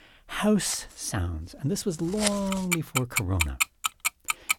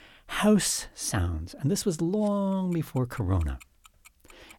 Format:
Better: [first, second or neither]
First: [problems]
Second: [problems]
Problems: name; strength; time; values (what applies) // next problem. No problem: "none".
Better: second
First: household noises; loud; throughout; as loud as the speech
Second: household noises; faint; throughout; 30 dB below the speech